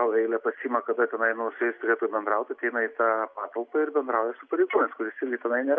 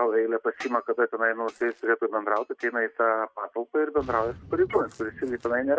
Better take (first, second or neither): first